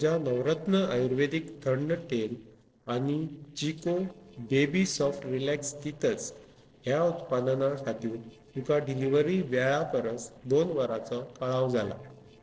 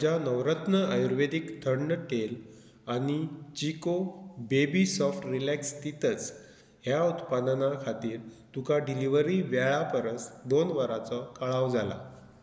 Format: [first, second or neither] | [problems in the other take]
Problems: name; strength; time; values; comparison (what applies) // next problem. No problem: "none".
second | noise reduction (neural separator model SepFormer DNS4)